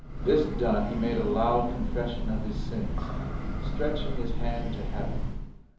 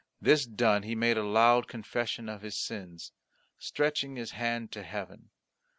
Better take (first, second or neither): second